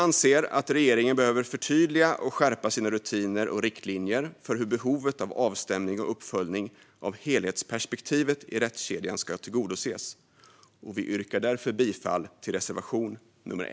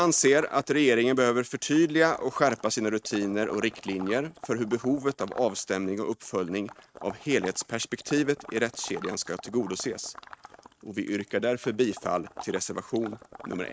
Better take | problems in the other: first | noise reduction (neural mask model RNNoise)

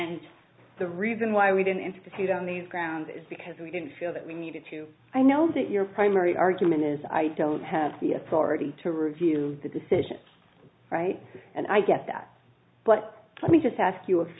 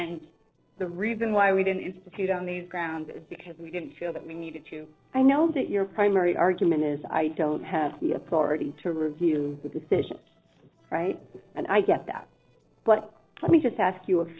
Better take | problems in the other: first | noise reduction (neural separator model SepFormer DNS4)

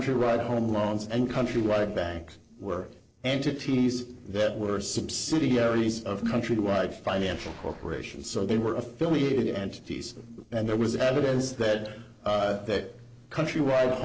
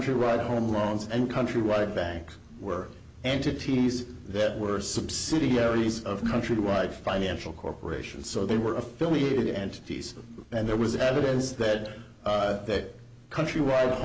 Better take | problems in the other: second | noise reduction (neural separator model SepFormer DNS4)

